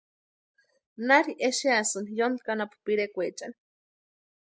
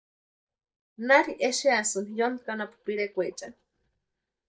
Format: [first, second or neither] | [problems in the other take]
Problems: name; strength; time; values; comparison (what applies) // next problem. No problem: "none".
first | noise reduction (neural mask model DeepFilterNet 3)